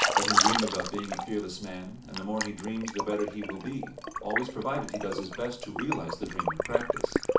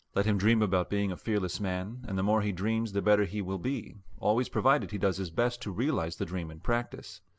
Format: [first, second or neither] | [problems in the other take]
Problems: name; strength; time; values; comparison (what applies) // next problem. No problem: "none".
second | background sound (Liquid); 3 dB above the speech // room echo; dies away in 0.4 s